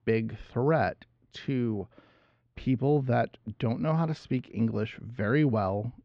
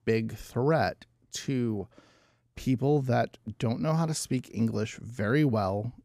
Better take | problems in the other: second | muffled; slightly; fading above 3.5 kHz

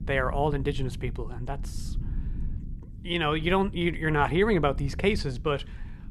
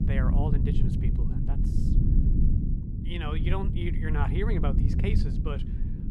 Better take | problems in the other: first | low rumble; loud; throughout; 3 dB below the speech; faint in the first

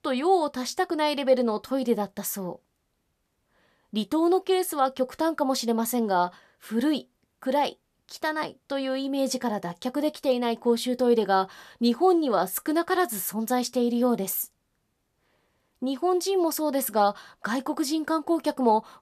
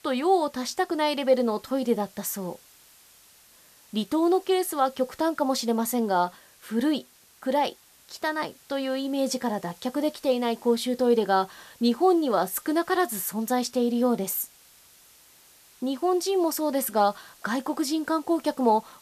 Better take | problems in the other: first | hiss; faint; throughout; 25 dB below the speech

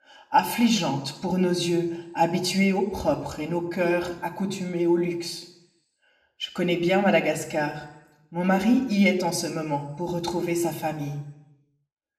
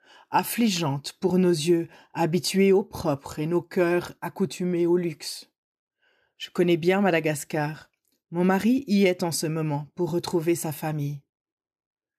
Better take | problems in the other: second | room echo; very slight; dies away in 0.7 s // off-mic speech; somewhat distant

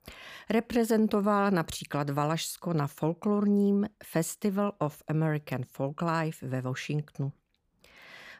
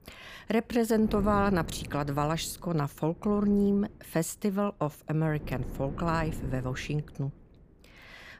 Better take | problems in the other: first | wind noise on the microphone; occasional gusts; 15 dB below the speech

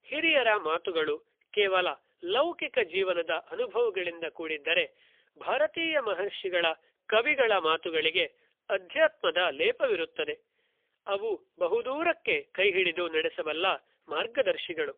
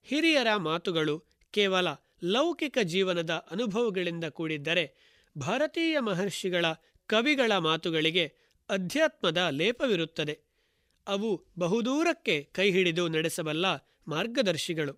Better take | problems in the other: second | phone-call audio; poor line; nothing above 3.5 kHz

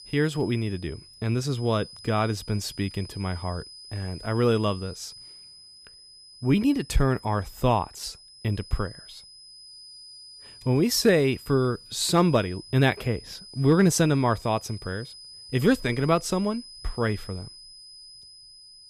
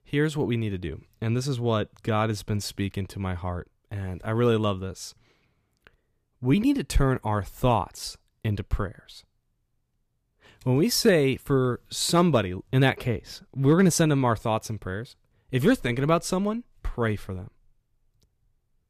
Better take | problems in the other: second | high-pitched whine; noticeable; throughout; 5 kHz, 20 dB below the speech

